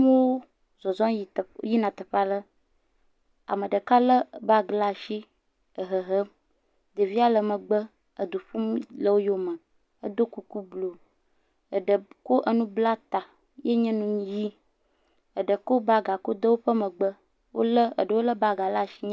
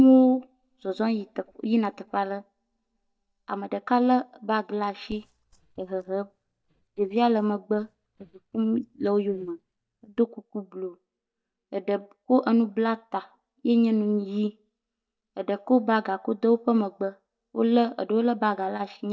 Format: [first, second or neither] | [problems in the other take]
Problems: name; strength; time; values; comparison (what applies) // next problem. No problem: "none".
first | noise reduction (neural mask model DeepFilterNet 3)